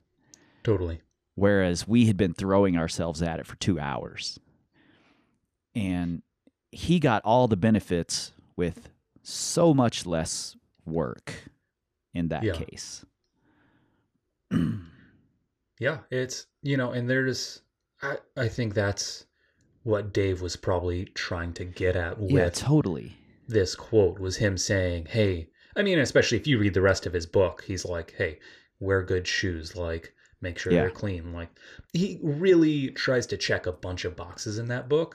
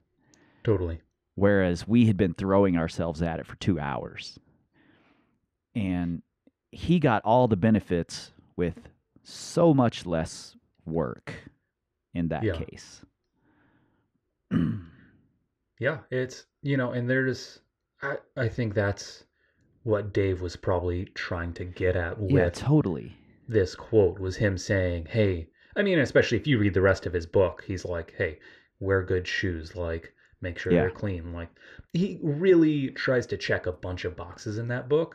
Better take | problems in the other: first | muffled; slightly; fading above 4 kHz

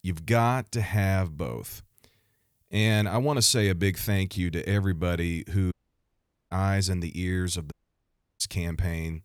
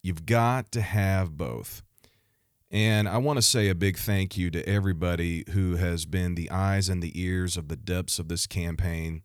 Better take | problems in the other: second | audio cutting out; at 5.5 s for 1 s and at 7.5 s for 0.5 s

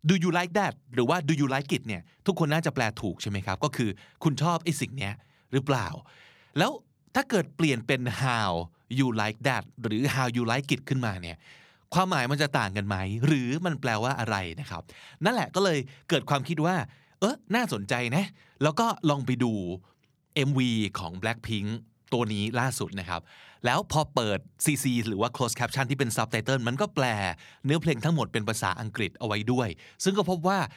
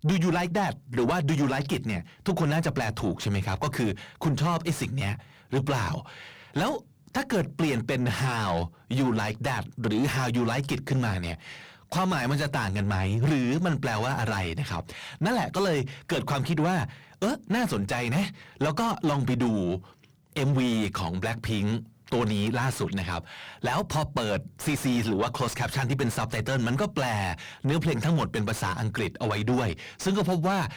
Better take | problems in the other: first | distortion; heavy; 5 dB below the speech

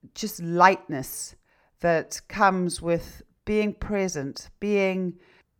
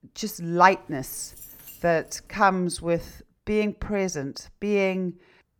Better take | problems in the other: first | jangling keys; faint; from 0.5 to 2.5 s; peak 15 dB below the speech

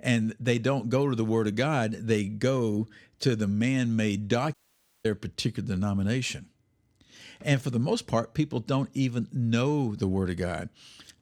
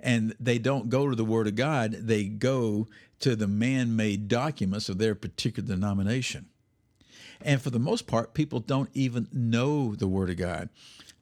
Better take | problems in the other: second | audio cutting out; at 4.5 s for 0.5 s

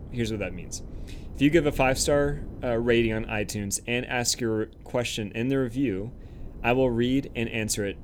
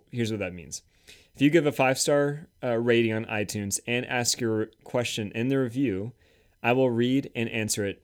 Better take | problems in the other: second | wind noise on the microphone; occasional gusts; 25 dB below the speech

